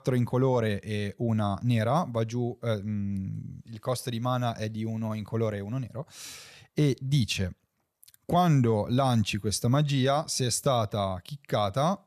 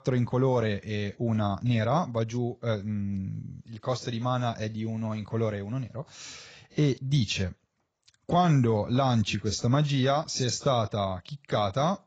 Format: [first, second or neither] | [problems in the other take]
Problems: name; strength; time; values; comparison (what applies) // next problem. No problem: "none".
first | garbled, watery; badly; nothing above 7.5 kHz